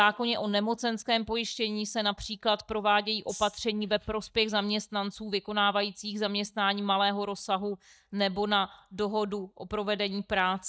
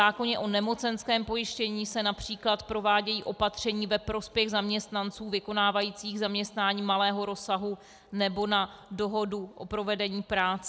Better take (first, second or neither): second